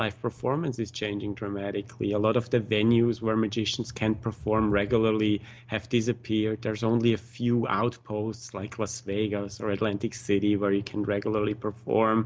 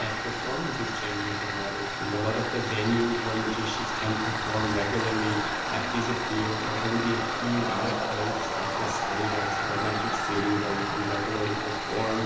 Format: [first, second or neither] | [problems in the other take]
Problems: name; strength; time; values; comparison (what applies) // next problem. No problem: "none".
first | background sound (Tools); as loud as the speech // room echo; dies away in 0.9 s